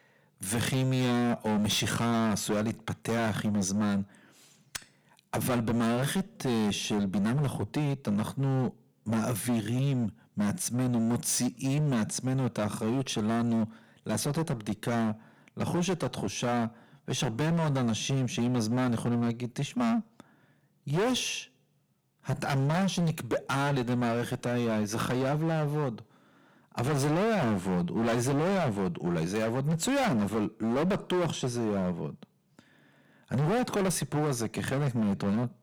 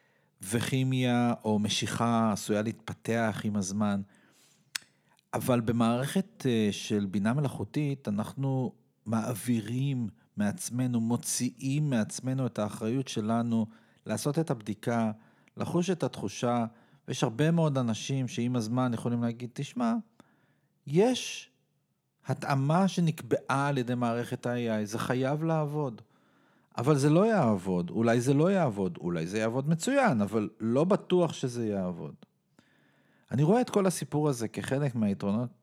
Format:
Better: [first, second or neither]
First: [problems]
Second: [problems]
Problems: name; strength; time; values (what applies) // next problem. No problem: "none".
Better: second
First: distortion; heavy; 21% of the sound clipped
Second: none